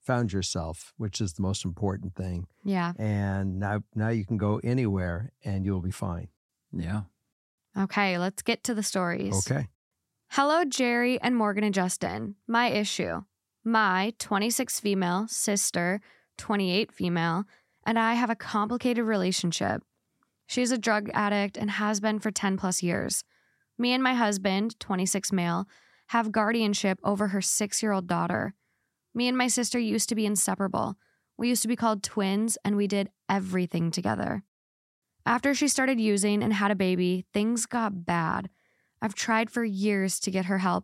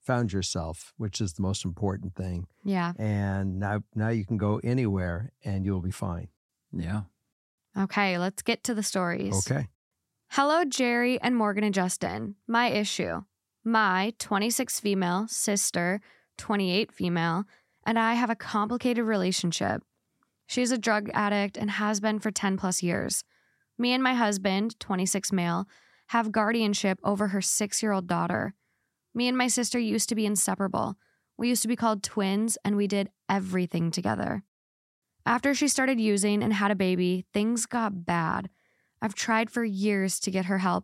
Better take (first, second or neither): neither